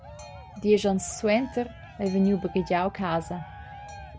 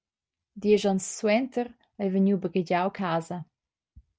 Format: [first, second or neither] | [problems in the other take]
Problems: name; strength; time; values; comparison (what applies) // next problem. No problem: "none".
second | background sound (Boat, Water vehicle + Cheering); 16 dB below the speech